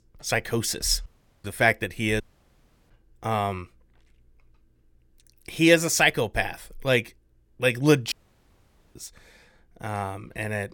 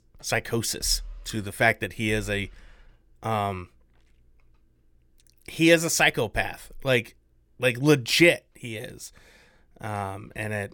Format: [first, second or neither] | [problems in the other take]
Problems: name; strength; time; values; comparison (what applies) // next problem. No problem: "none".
second | audio cutting out; at 1 s, at 2 s for 0.5 s and at 8 s for 1 s